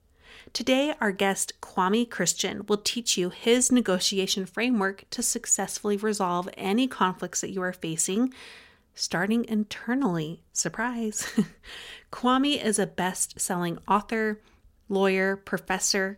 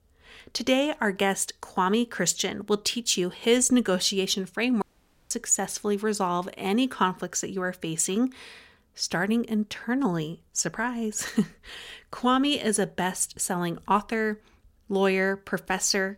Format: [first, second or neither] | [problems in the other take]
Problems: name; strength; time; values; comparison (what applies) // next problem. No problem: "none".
first | audio cutting out; at 5 s